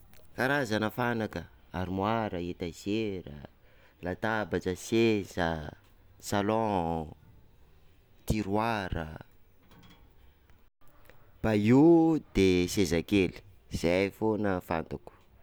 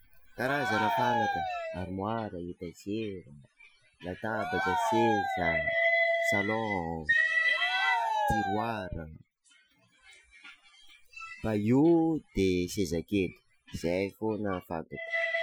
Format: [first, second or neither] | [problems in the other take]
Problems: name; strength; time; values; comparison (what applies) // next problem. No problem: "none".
first | noise reduction (classical method Wiener filter)